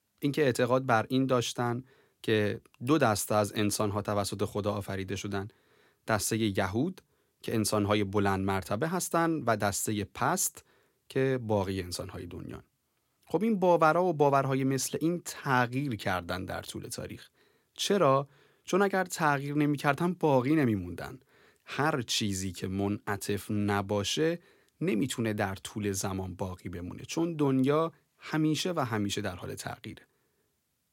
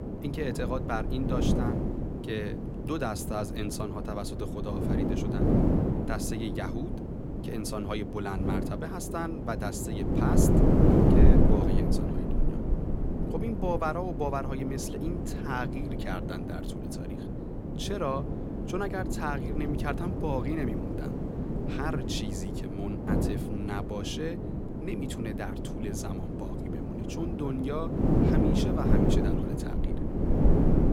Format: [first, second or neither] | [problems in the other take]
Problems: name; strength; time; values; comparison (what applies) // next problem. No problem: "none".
first | wind noise on the microphone; heavy; 1 dB above the speech